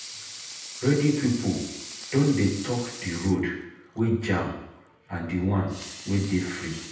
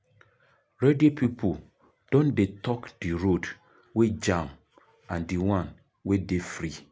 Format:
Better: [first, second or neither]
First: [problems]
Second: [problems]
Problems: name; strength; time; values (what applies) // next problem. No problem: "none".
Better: second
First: background sound (Sink (filling or washing) / Water tap, faucet / Liquid); 14 dB below the speech // room echo; dies away in 0.9 s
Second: none